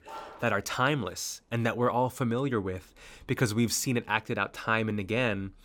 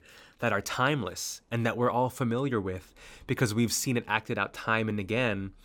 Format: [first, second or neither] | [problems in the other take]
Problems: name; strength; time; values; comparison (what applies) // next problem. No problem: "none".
second | dog barking; faint; at the start; peak 15 dB below the speech